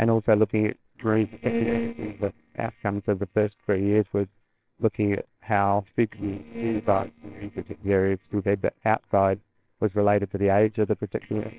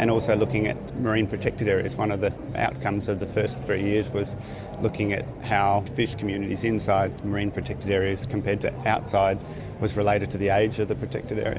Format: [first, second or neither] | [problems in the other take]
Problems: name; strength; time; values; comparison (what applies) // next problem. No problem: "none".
second | noise reduction (neural separator model SepFormer WHAMR!)